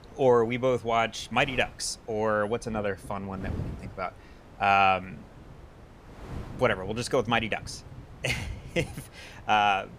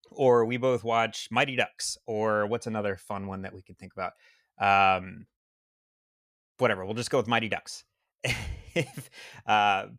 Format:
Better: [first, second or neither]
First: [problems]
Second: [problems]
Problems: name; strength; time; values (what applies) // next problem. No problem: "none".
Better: second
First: wind noise on the microphone; occasional gusts; 25 dB below the speech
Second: none